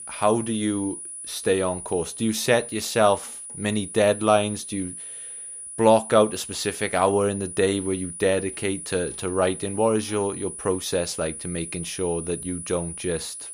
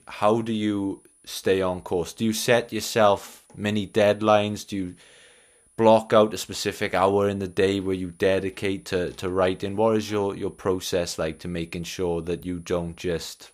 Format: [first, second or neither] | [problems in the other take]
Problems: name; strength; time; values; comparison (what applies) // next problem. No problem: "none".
second | high-pitched whine; loud; throughout; 10 kHz, 10 dB below the speech; faint in the second